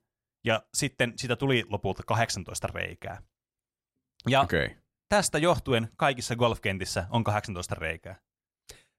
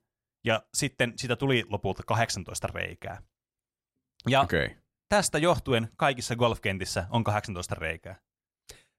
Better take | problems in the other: neither | none

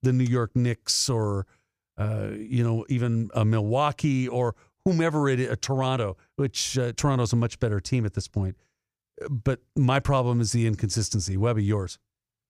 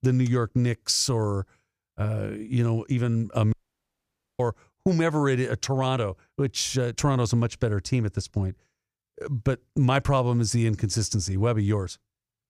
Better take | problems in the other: first | audio cutting out; at 3.5 s for 1 s

